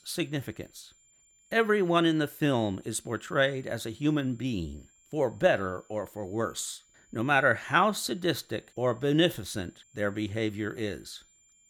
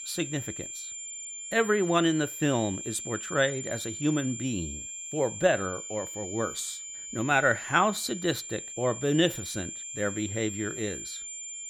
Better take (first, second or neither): first